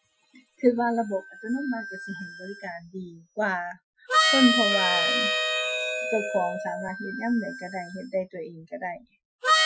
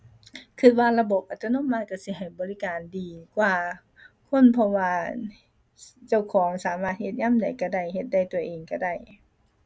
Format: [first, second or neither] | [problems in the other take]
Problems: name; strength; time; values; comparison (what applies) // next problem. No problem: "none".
second | noise reduction (classical method Wiener filter)